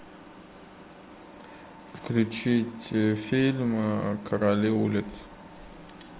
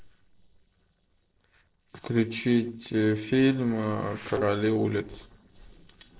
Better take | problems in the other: first | noise reduction (neural separator model SepFormer DNS4)

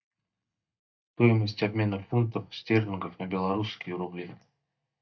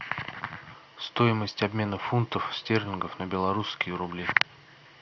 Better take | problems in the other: second | noise reduction (neural mask model DeepFilterNet 3)

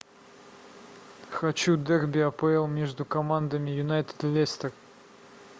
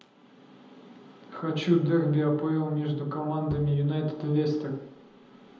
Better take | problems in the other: first | background sound (Bowed string instrument); 17 dB below the speech // room echo; dies away in 0.8 s

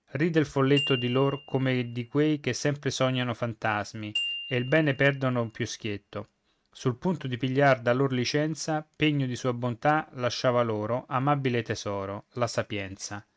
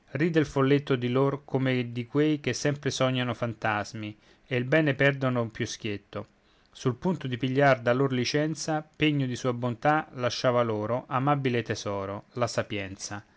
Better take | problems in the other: second | noise reduction (neural mask model RNNoise)

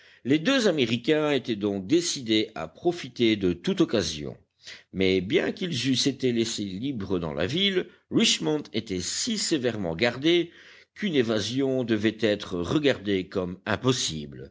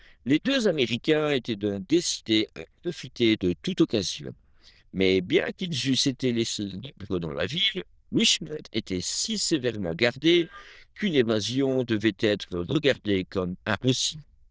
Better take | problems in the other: first | noise reduction (neural diffusion model UNIVERSE++)

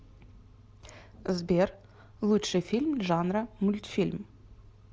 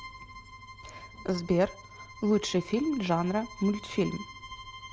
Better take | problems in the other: first | background sound (Bowed string instrument); 16 dB below the speech

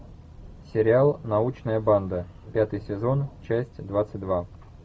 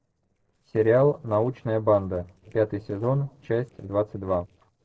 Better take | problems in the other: first | noise reduction (neural separator model SepFormer DNS4)

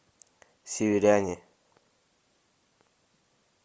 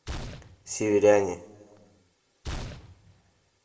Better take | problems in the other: first | noise reduction (neural separator model SepFormer DNS4)

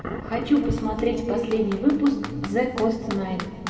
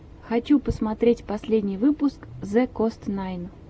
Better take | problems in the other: second | background sound (Computer keyboard); 17 dB below the speech // room echo; dies away in 2.2 s

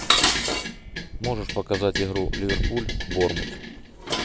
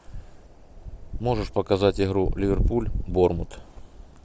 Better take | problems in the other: second | background sound (Dishes, pots, and pans); as loud as the speech

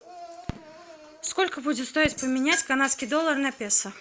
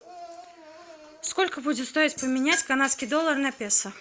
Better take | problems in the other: second | background sound (Fireworks); 18 dB below the speech

